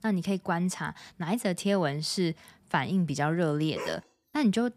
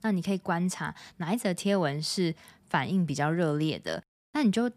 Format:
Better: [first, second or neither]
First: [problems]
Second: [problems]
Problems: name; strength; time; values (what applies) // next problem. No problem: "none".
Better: second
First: dog barking; noticeable; at 4 s; peak 9 dB below the speech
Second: none